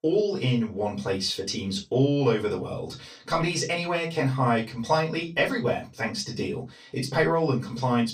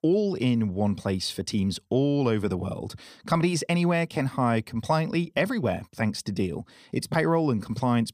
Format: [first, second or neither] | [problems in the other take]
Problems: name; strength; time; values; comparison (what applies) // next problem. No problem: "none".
second | room echo; slight; dies away in 0.2 s // off-mic speech; far